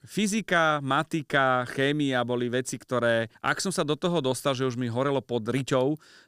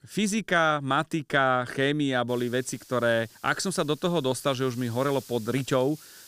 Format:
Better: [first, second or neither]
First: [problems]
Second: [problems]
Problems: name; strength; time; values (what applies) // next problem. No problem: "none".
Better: first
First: none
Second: hiss; faint; from 2.5 s on; 20 dB below the speech